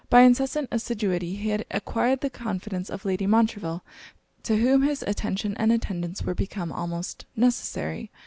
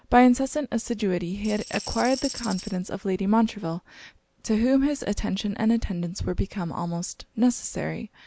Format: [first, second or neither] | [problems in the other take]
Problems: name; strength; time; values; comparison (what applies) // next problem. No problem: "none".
first | background sound (Tambourine); 12 dB below the speech